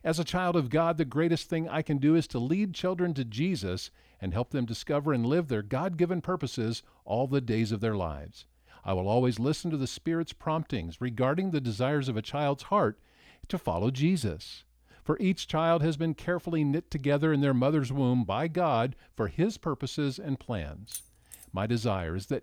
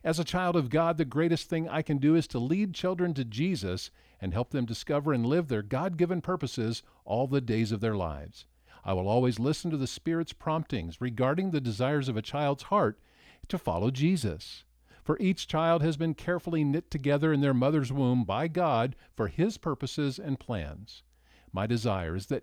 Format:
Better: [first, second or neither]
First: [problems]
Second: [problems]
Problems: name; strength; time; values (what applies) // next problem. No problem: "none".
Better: second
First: jangling keys; faint; at 21 s; peak 10 dB below the speech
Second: none